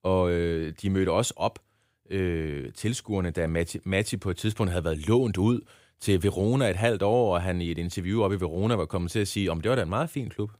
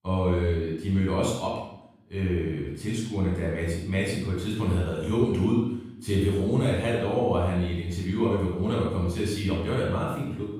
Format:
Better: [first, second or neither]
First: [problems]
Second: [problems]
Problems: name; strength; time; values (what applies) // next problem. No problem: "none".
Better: first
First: none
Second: room echo; noticeable; dies away in 0.7 s // off-mic speech; far